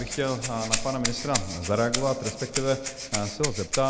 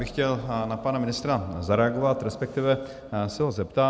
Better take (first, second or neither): second